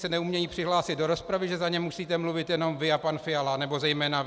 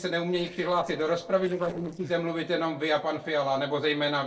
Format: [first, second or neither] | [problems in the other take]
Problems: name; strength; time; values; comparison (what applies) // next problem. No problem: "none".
first | noise reduction (neural separator model SepFormer DNS4)